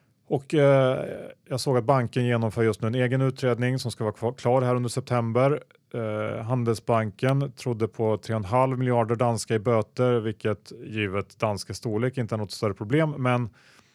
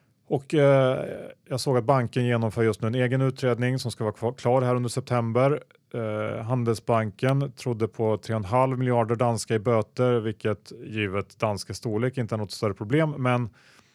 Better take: neither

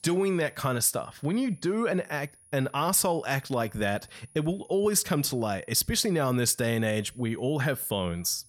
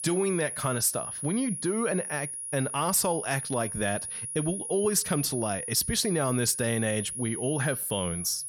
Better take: first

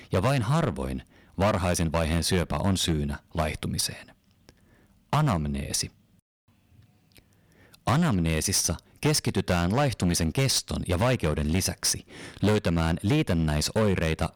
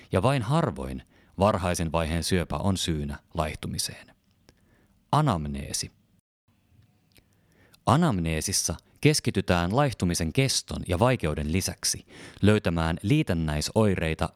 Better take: second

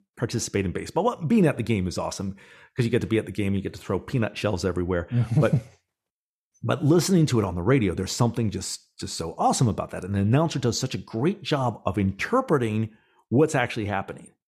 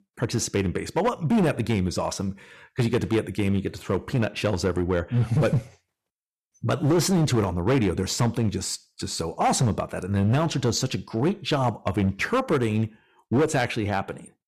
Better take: first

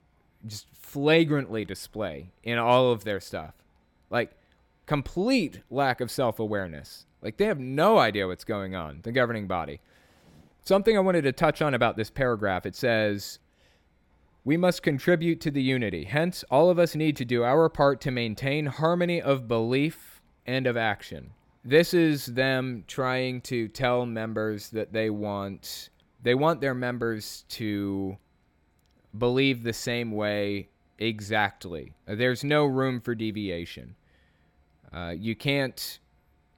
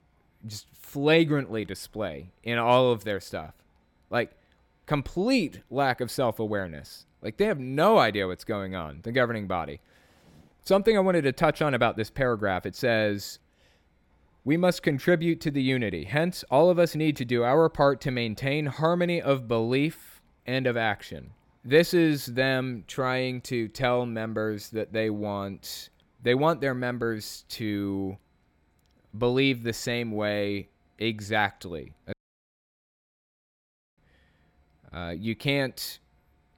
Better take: first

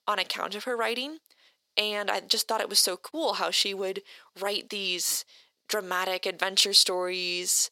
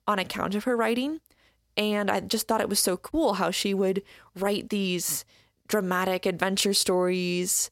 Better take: second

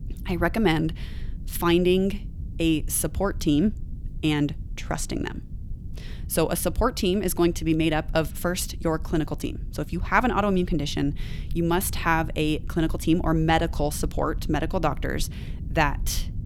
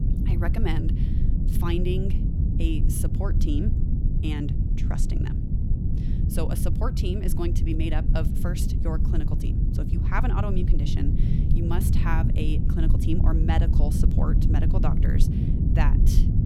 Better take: first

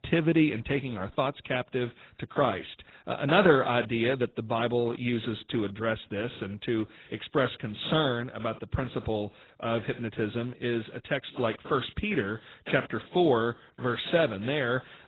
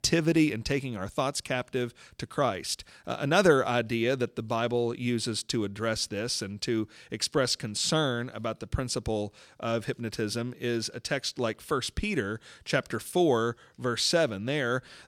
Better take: second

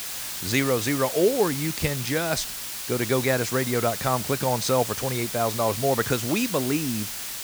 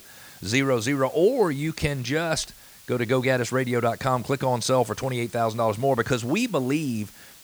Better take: second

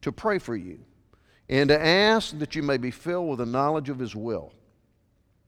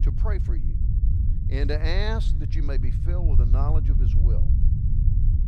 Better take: first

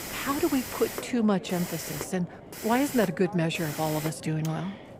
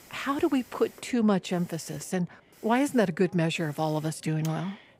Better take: second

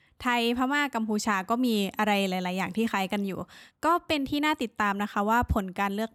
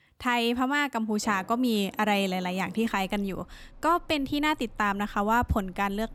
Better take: first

